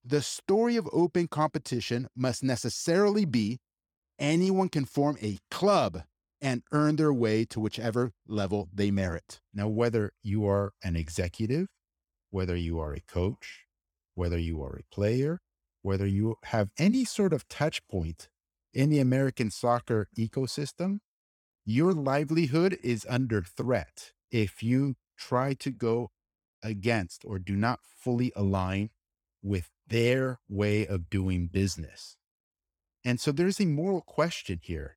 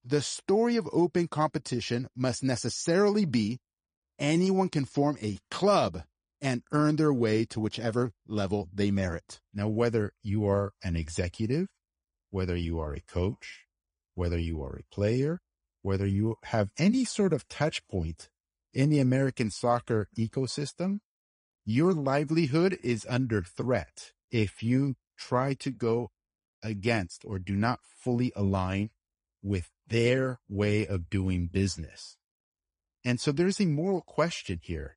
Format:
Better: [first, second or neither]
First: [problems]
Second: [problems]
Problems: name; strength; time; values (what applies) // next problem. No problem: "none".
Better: first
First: none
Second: garbled, watery; slightly; nothing above 10 kHz